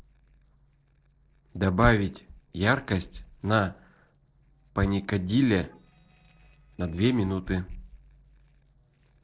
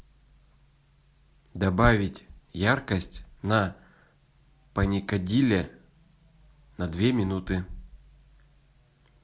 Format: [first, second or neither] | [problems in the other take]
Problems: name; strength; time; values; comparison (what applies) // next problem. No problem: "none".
second | noise reduction (neural separator model SepFormer DNS4)